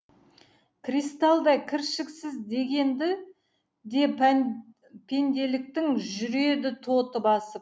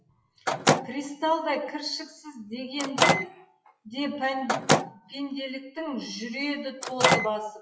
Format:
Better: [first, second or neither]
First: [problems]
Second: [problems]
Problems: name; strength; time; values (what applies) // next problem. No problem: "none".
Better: first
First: none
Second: noise reduction (classical method WPE with log-MMSE)